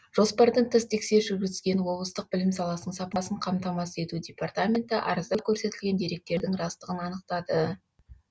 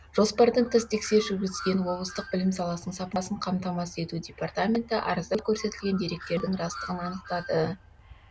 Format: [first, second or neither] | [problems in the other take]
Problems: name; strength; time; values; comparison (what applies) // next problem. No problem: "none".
first | background sound (Bird); 17 dB below the speech